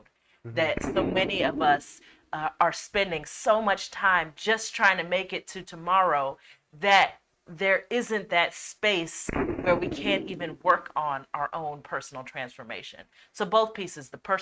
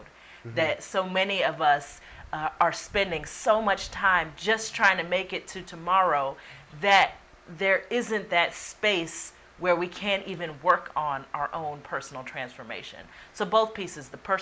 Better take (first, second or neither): second